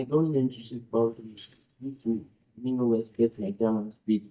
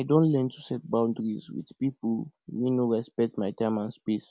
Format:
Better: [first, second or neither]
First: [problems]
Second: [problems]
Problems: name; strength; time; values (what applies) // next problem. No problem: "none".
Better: second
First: noise reduction (neural mask model DeepFilterNet 3)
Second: none